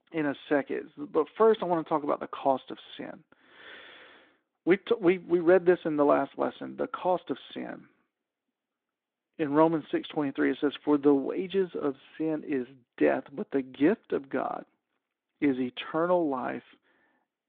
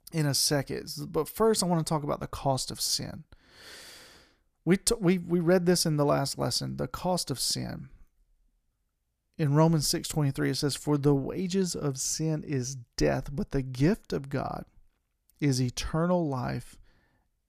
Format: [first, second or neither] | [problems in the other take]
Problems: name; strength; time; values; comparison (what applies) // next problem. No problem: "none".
second | phone-call audio